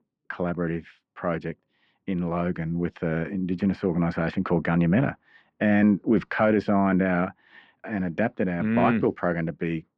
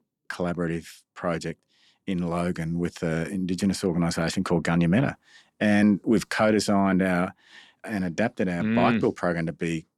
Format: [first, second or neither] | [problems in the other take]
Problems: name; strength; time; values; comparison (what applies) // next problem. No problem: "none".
second | muffled; very; fading above 2.5 kHz